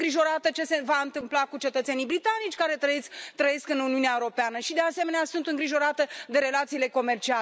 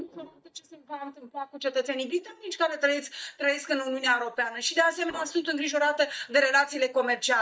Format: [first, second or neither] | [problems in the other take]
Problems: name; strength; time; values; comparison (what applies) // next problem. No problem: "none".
first | noise reduction (neural mask model DeepFilterNet 3)